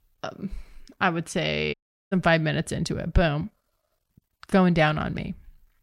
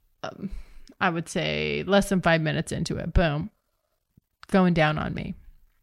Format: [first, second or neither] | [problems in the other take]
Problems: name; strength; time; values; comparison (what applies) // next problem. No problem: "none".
second | audio cutting out; at 1.5 s